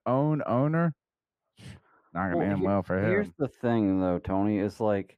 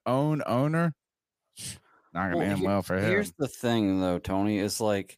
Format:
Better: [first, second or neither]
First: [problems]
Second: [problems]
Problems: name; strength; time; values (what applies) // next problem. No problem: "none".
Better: second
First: muffled; very; fading above 3.5 kHz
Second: none